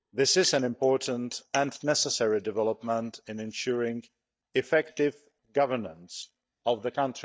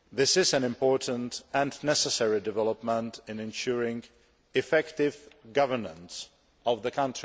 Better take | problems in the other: second | noise reduction (neural mask model DeepFilterNet 3)

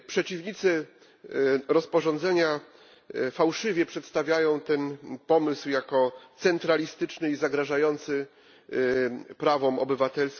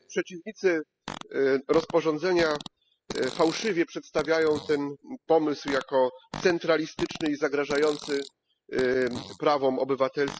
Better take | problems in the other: first | noise reduction (classical method spectral subtraction)

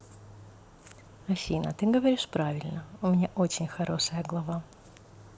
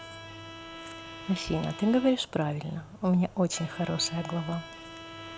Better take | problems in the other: first | background sound (Bowed string instrument); 14 dB below the speech

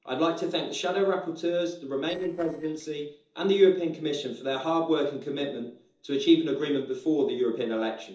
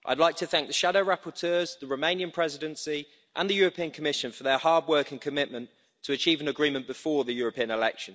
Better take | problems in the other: second | noise reduction (neural separator model SepFormer DNS4)

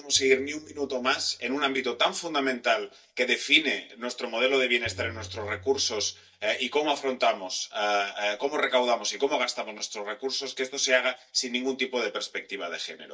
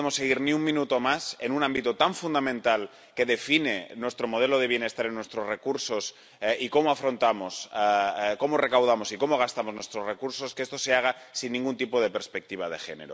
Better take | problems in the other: second | noise reduction (neural mask model DeepFilterNet 3)

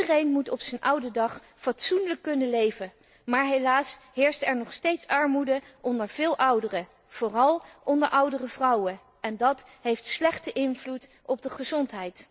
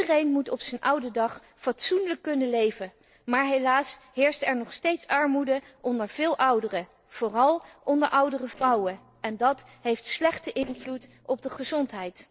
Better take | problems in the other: first | noise reduction (neural separator model SepFormer DNS4)

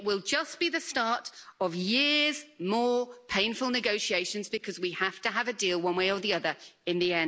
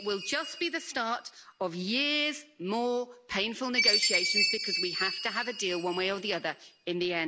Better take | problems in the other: first | background sound (Chime); 2 dB below the speech

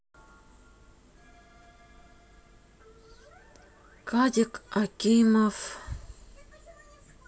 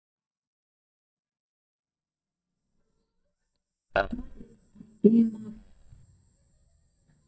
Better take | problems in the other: first | noise reduction (neural mask model DeepFilterNet 3)

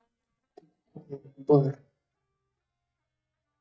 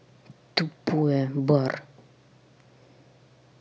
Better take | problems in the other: second | noise reduction (neural mask model DeepFilterNet 3)

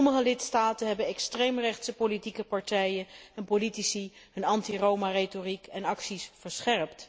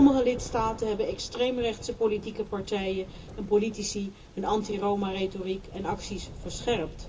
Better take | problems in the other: first | background sound (Thunder); 14 dB below the speech // room echo; dies away in 0.2 s

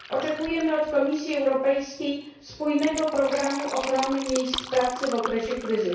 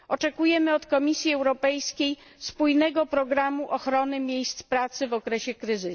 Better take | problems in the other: second | background sound (Fill (with liquid)); 12 dB below the speech // room echo; dies away in 0.6 s

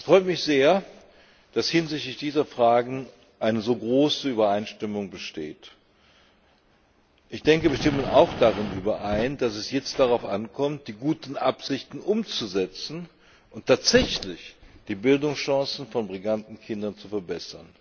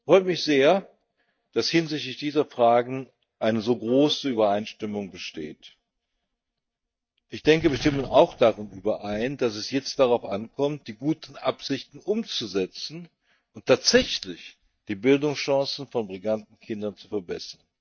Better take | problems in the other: first | noise reduction (neural mask model DeepFilterNet 3)

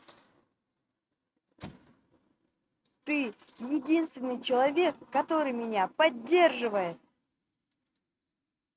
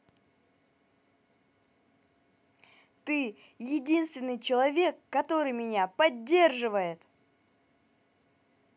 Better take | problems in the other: second | noise reduction (neural mask model RNNoise)

